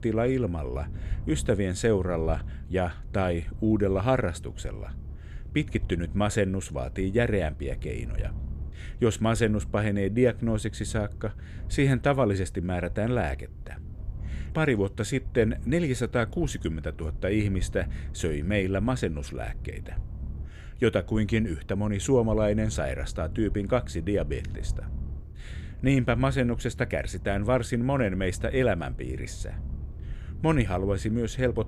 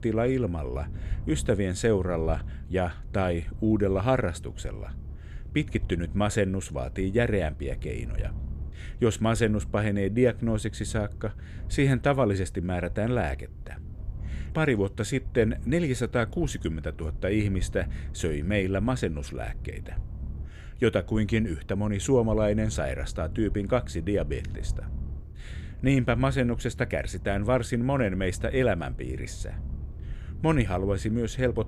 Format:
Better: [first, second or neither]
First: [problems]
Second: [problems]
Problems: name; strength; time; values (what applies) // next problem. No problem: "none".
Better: neither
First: low rumble; faint; throughout; 25 dB below the speech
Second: low rumble; faint; throughout; 25 dB below the speech